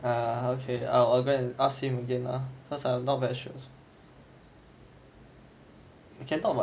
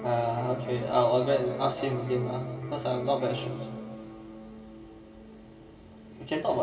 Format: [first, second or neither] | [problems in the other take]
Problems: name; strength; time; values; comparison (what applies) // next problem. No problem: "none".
first | background sound (Electric guitar); 13 dB below the speech // room echo; dies away in 2.8 s